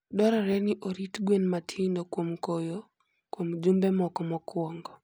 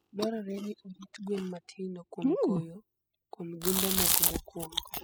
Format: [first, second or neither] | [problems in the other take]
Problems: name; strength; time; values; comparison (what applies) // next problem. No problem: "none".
first | noise reduction (classical method spectral subtraction)